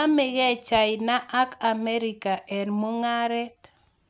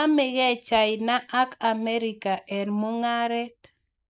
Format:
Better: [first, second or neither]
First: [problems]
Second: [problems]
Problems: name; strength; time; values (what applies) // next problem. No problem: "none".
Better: first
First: none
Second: noise reduction (neural mask model Resemble Enhance denoiser)